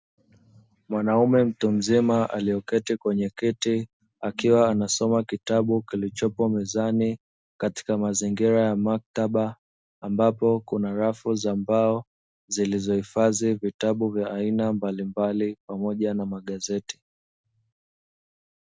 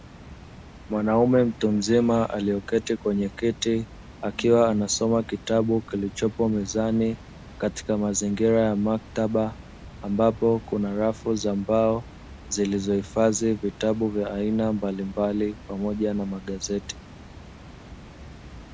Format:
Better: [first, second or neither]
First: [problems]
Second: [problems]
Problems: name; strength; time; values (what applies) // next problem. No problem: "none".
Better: first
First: none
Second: background sound (Water); 18 dB below the speech